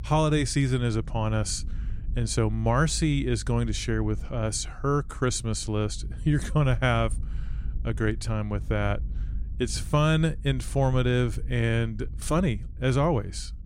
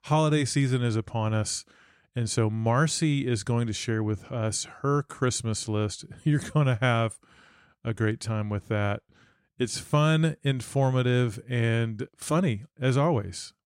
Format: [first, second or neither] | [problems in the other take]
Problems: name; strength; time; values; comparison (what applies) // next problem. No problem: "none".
second | low rumble; faint; throughout; 25 dB below the speech